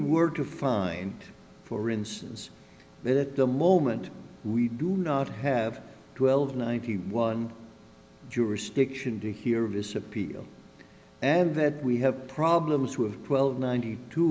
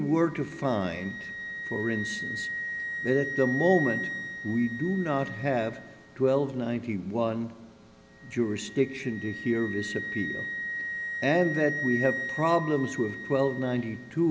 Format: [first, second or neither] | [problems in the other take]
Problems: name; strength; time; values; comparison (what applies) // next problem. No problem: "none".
first | background sound (Wind instrument, woodwind instrument); 8 dB below the speech